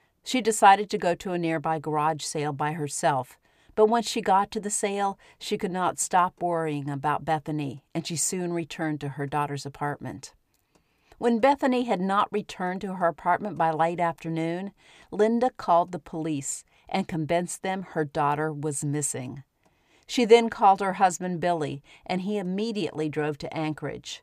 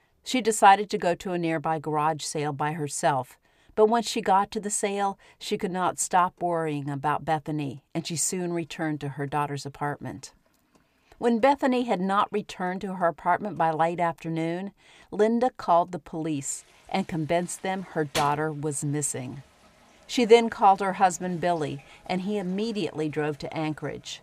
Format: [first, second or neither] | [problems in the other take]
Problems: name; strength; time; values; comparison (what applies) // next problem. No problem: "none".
first | household noises; noticeable; throughout; 20 dB below the speech